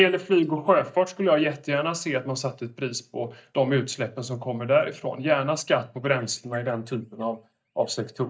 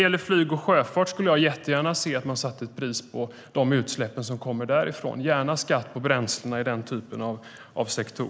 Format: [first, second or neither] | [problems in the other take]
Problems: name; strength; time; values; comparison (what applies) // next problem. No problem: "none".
second | noise reduction (neural mask model DeepFilterNet 3)